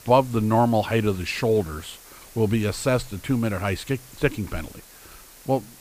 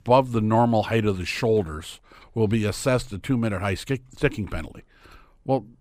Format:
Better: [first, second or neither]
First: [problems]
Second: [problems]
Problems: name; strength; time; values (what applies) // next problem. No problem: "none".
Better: second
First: hiss; faint; throughout; 20 dB below the speech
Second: none